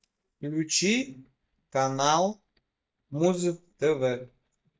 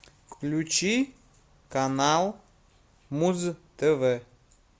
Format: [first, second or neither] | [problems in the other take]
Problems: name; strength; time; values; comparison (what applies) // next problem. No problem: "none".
second | noise reduction (neural mask model DeepFilterNet 3)